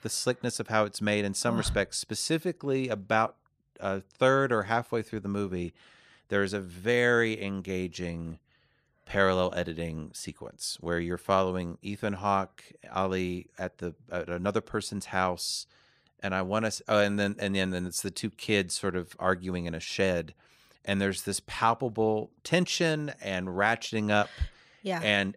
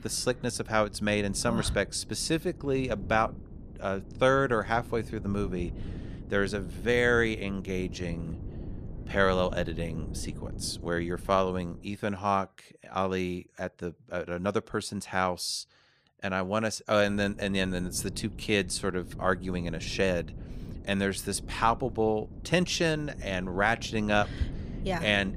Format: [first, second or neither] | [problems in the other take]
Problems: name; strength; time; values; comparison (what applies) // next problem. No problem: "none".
first | wind noise on the microphone; occasional gusts; until 12 s and from 17 s on; 20 dB below the speech